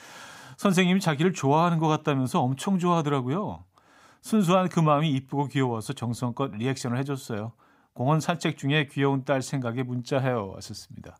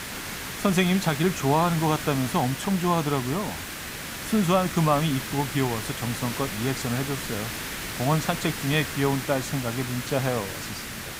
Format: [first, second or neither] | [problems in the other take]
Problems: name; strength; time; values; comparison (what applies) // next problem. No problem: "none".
first | hiss; loud; throughout; 6 dB below the speech